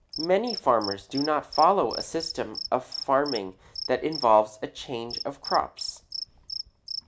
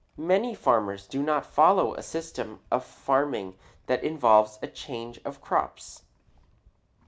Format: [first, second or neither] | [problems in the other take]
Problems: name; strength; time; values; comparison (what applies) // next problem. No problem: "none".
second | background sound (Cricket); 11 dB below the speech